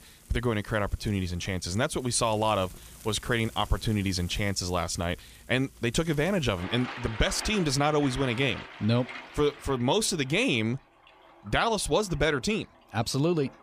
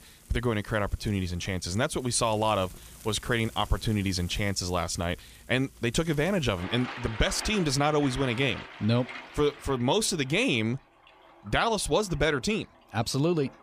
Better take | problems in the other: neither | household noises; noticeable; throughout; 15 dB below the speech; the same in both

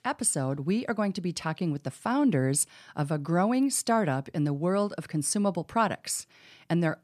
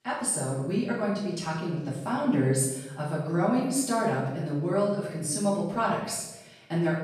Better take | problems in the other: first | off-mic speech; far // room echo; noticeable; dies away in 0.8 s

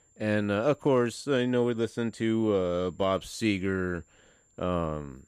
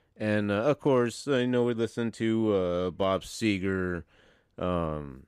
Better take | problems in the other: second | high-pitched whine; faint; throughout; 7.5 kHz, 35 dB below the speech

